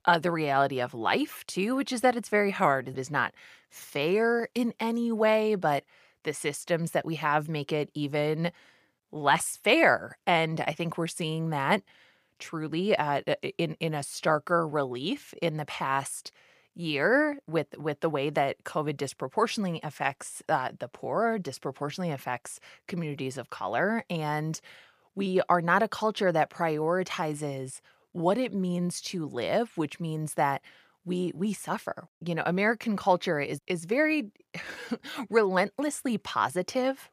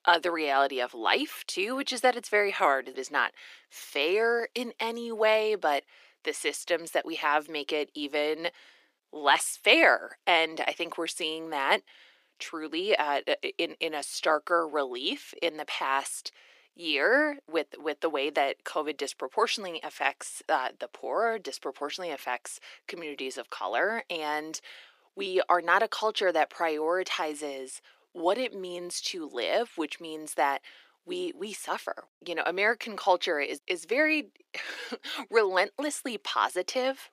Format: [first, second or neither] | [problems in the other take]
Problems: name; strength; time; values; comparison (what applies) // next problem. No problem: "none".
first | thin; somewhat; fading below 300 Hz